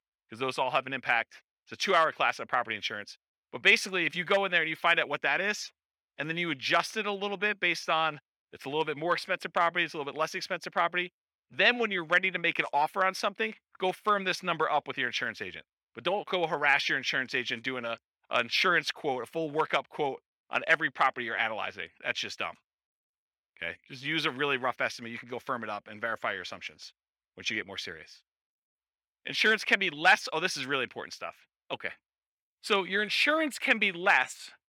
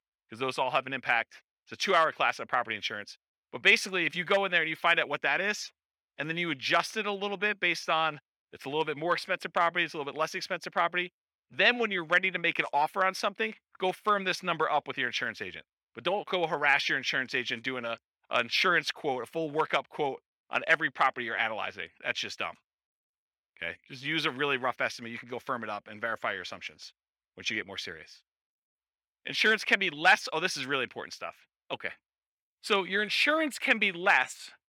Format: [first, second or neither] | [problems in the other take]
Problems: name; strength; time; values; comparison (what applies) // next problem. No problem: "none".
neither | thin; somewhat; fading below 500 Hz; the same in both